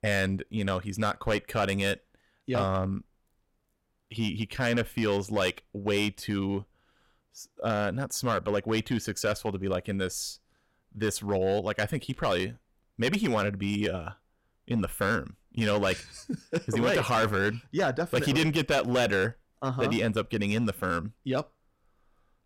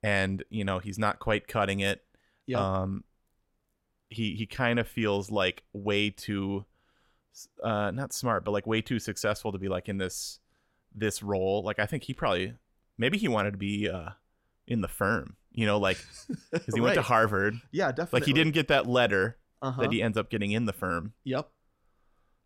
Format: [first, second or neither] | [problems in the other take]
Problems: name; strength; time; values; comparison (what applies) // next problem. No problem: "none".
second | distortion; slight; 5% of the sound clipped